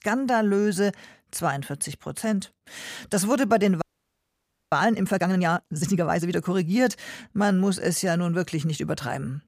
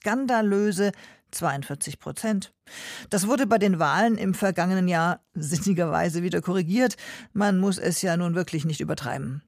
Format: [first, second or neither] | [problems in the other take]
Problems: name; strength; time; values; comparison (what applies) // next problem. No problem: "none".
second | audio freezing; at 4 s for 1 s